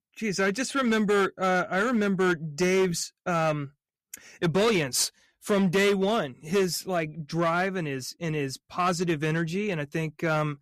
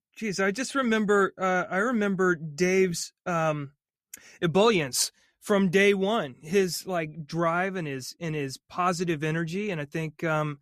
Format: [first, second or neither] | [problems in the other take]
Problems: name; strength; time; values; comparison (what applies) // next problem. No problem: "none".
second | distortion; slight; 7% of the sound clipped